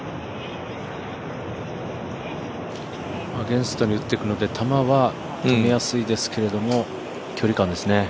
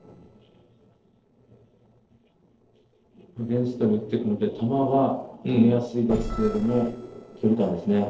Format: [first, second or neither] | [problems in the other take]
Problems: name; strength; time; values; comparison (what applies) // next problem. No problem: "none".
first | noise reduction (neural separator model SepFormer DNS4)